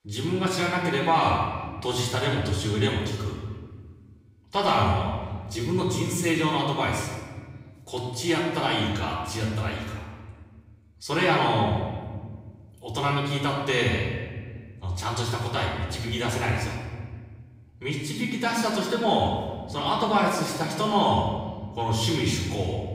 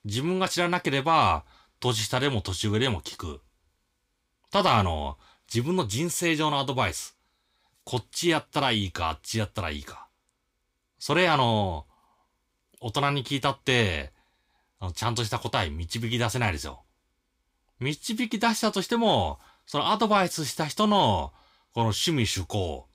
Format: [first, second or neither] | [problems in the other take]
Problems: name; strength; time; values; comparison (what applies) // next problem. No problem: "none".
second | off-mic speech; far // room echo; noticeable; dies away in 1.4 s